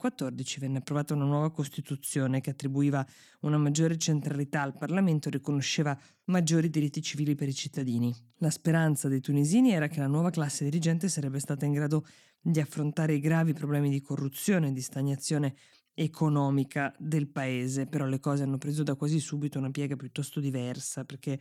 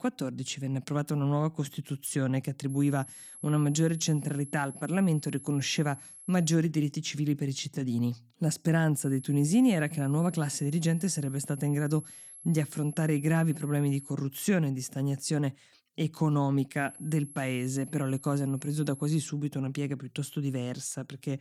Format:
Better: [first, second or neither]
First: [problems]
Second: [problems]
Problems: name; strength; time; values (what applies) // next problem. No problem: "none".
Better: first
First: none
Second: high-pitched whine; noticeable; from 2.5 to 6.5 s, from 9 to 14 s and from 17 to 19 s; 11 kHz, 15 dB below the speech